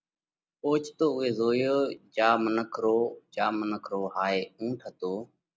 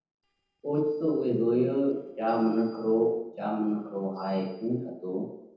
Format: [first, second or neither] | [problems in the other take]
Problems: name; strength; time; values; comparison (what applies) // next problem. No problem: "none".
first | noise reduction (neural separator model SepFormer DNS4)